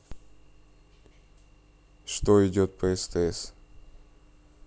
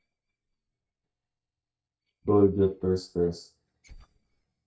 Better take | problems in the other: first | noise reduction (neural mask model DeepFilterNet 3)

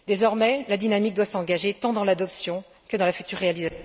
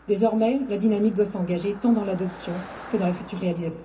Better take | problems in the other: first | background sound (Car passing by); 19 dB below the speech // room echo; dies away in 0.3 s

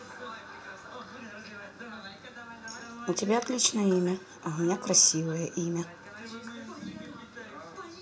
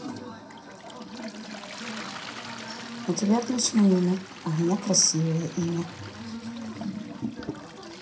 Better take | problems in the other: first | background sound (Toilet flush); 12 dB below the speech // room echo; dies away in 0.3 s

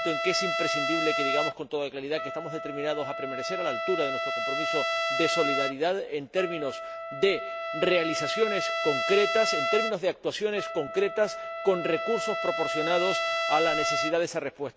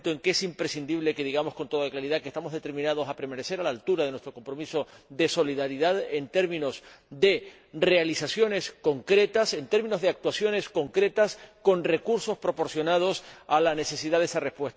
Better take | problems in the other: second | background sound (Trumpet); 1 dB below the speech

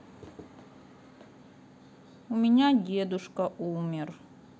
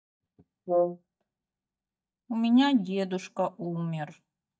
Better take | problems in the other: first | noise reduction (neural mask model DeepFilterNet 3)

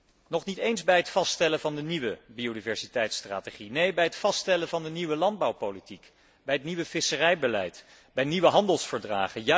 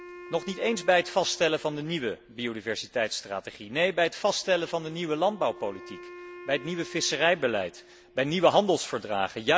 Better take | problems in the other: first | background sound (Wind instrument, woodwind instrument); 20 dB below the speech

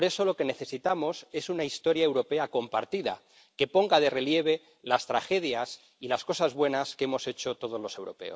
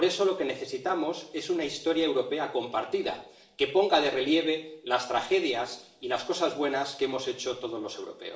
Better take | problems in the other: first | room echo; dies away in 0.6 s

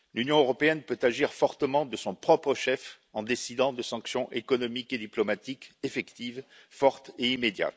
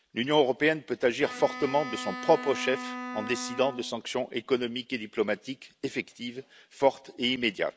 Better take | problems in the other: first | background sound (Bowed string instrument); 10 dB below the speech

